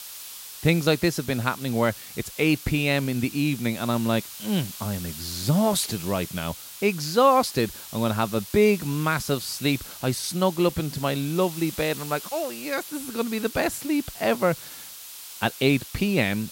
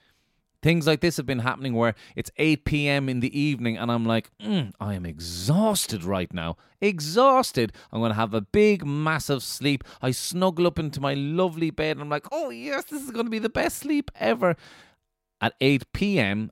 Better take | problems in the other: second | hiss; noticeable; throughout; 10 dB below the speech

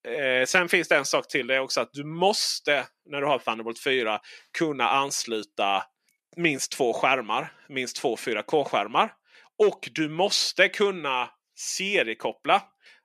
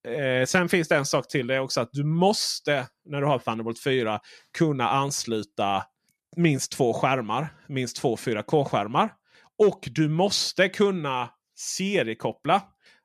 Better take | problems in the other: second | thin; somewhat; fading below 300 Hz

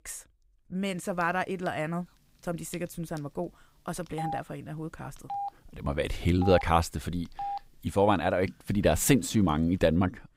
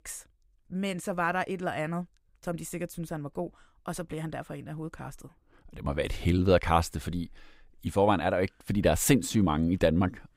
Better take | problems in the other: second | phone ringing; noticeable; from 1 to 9.5 s; peak 8 dB below the speech

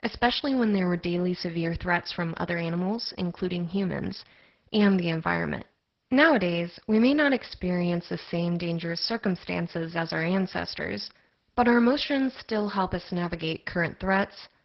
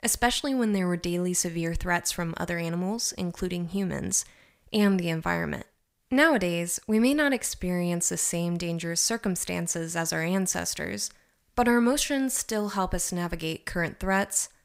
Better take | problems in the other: second | garbled, watery; badly; nothing above 5.5 kHz

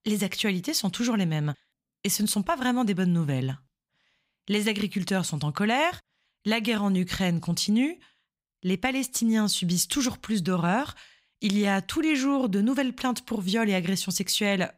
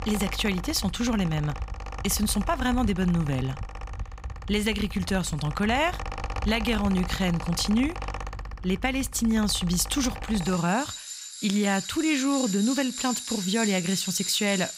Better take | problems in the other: first | machinery noise; loud; throughout; 9 dB below the speech

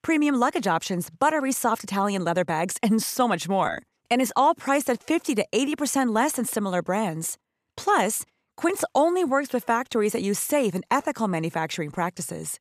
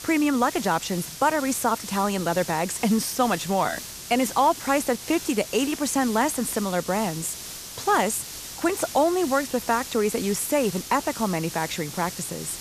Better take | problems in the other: first | hiss; noticeable; throughout; 10 dB below the speech

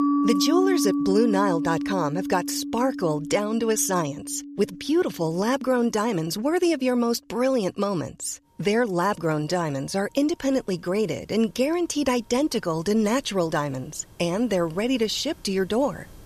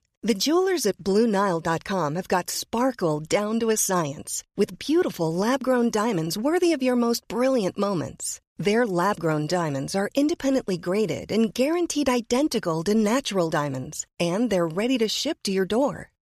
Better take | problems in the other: second | background music; loud; throughout; 4 dB below the speech

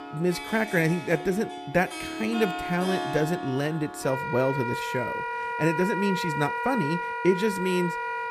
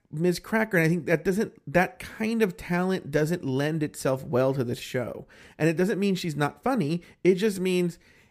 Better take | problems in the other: second | background music; loud; throughout; 5 dB below the speech

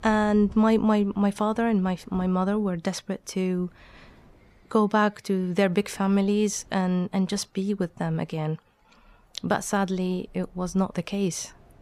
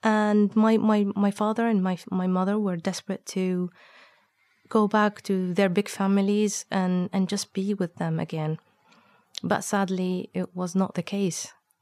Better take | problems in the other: second | wind in the background; faint; throughout; 30 dB below the speech

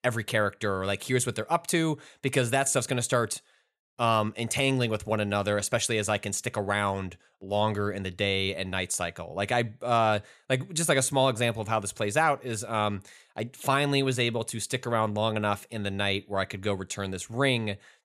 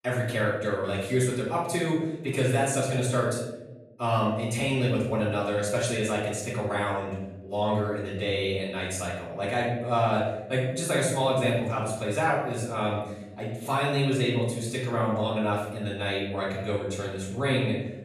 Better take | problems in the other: first | off-mic speech; far // room echo; noticeable; dies away in 1.1 s

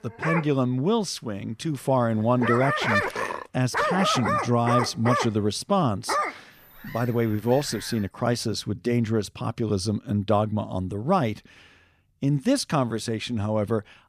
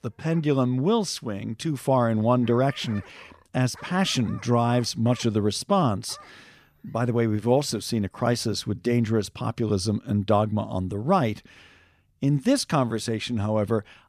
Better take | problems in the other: second | animal sounds; loud; until 8 s; 1 dB below the speech; faint in the second

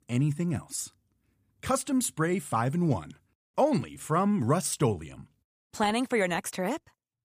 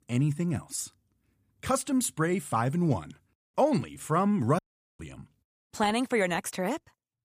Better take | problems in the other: first | audio cutting out; at 4.5 s

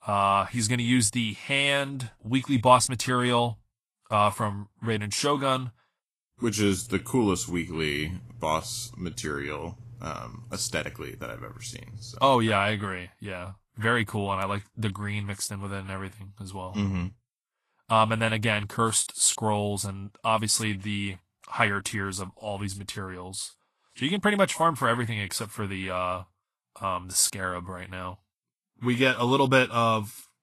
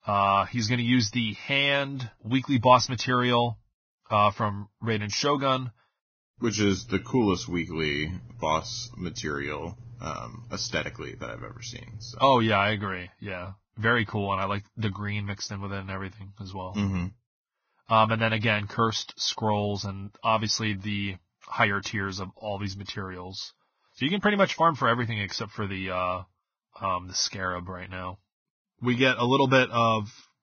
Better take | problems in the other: first | garbled, watery; badly; nothing above 6.5 kHz; slightly in the first

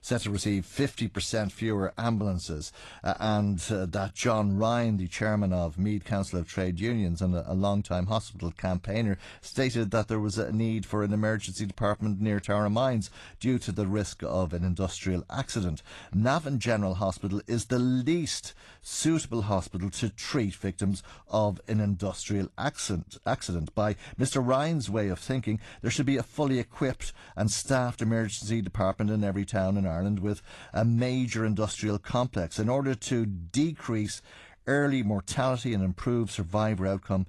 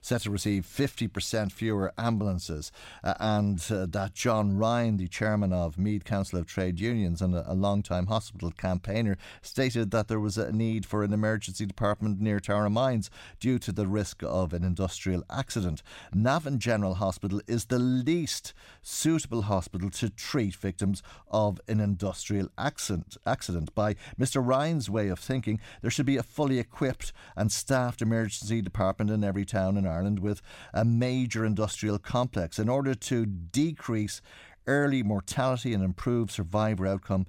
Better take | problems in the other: second | garbled, watery; slightly

